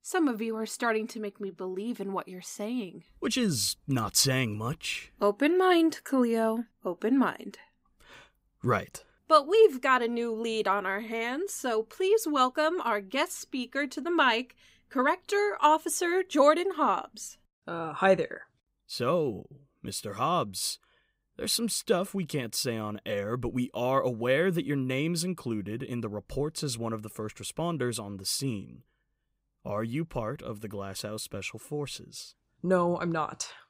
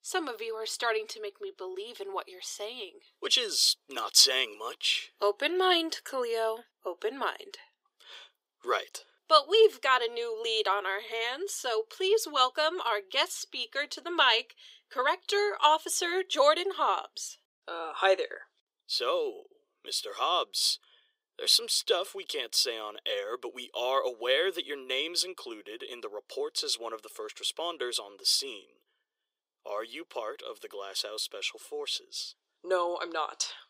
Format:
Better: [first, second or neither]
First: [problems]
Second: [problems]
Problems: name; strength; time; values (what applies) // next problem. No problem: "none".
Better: first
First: none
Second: thin; very; fading below 400 Hz